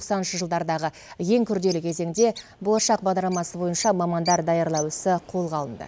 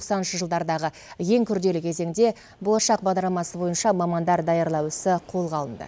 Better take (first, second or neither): second